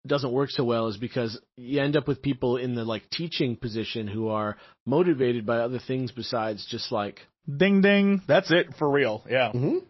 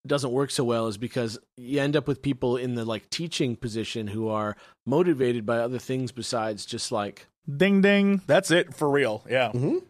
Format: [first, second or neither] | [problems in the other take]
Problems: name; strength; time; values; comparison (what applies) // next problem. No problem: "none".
second | garbled, watery; slightly; nothing above 5.5 kHz